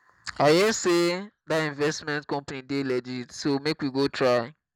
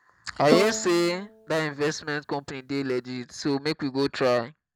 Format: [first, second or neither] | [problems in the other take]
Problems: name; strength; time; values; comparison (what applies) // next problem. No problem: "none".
first | background sound (Bowed string instrument); 6 dB below the speech